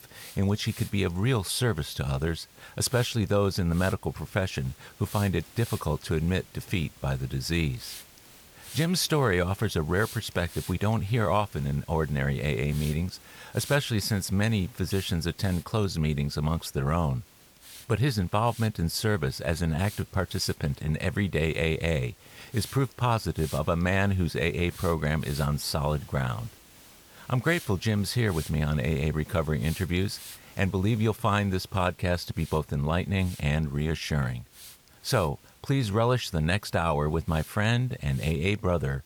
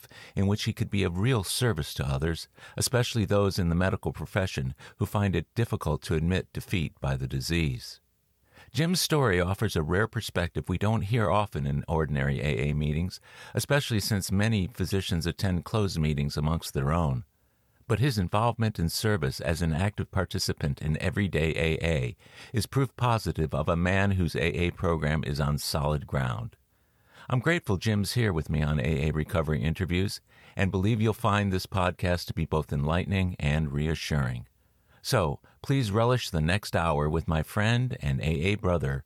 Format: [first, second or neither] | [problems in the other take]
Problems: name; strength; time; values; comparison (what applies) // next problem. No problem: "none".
second | hiss; noticeable; throughout; 20 dB below the speech